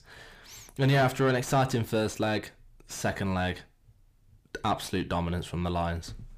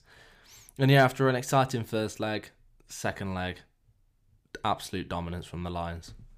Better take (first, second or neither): second